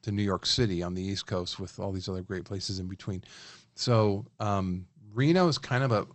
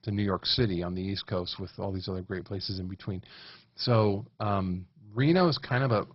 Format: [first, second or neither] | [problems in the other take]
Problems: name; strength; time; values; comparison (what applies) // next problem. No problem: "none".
first | garbled, watery; badly; nothing above 5.5 kHz; slightly in the first